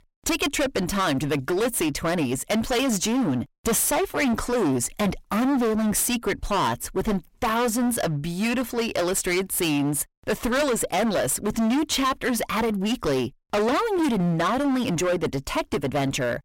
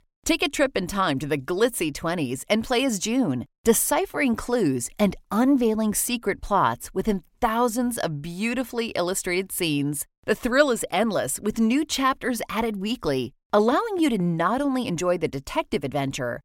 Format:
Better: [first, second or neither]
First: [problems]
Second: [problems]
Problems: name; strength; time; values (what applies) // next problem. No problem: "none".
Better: second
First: distortion; heavy; 25% of the sound clipped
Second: none